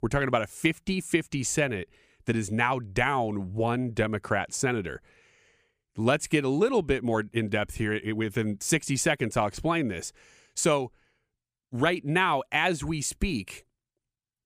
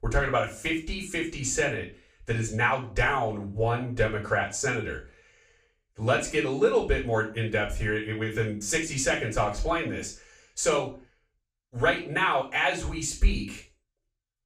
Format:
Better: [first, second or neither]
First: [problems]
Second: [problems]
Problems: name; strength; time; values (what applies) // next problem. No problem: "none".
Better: first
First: none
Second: room echo; slight; dies away in 0.3 s // off-mic speech; far